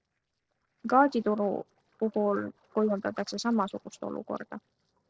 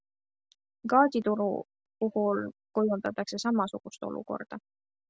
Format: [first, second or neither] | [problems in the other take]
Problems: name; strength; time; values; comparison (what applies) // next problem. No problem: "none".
second | noise reduction (neural separator model SepFormer DNS4)